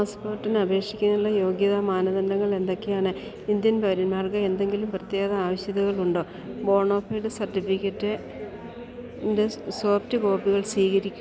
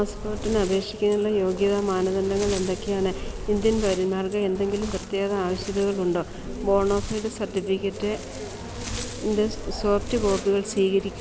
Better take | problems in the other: first | background sound (Wind); 11 dB below the speech

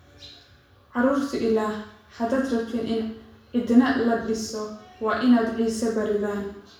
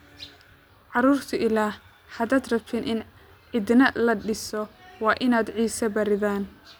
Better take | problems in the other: second | room echo; dies away in 0.6 s

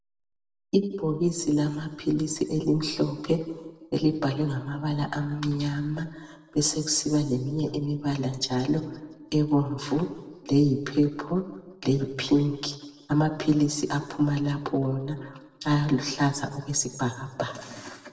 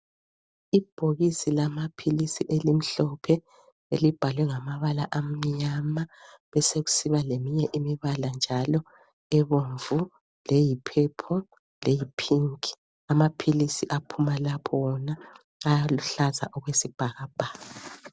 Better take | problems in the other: second | room echo; dies away in 1 s

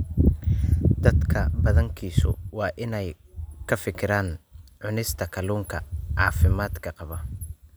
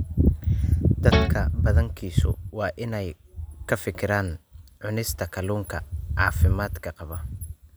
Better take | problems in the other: first | background sound (Guitar); 1 dB below the speech

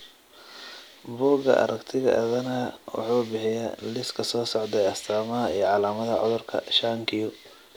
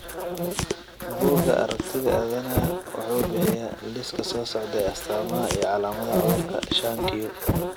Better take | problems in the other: first | background sound (Insect); as loud as the speech

